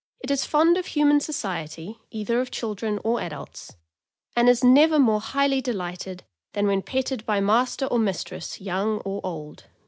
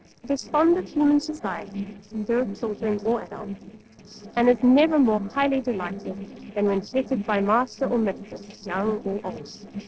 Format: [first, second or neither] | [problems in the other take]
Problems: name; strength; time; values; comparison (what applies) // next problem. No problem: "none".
first | noise reduction (neural separator model SepFormer DNS4)